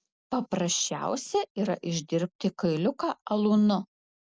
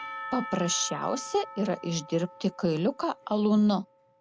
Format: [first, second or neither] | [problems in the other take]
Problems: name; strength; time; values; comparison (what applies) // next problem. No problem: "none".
first | background sound (Church bell / Percussion); 14 dB below the speech